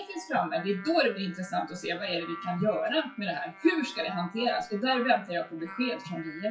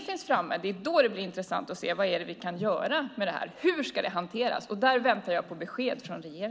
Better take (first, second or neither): second